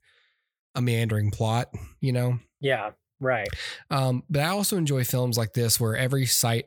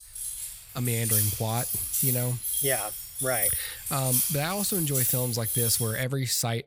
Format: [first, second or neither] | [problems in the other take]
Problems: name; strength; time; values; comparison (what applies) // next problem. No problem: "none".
first | jangling keys; loud; until 6 s; peak 6 dB above the speech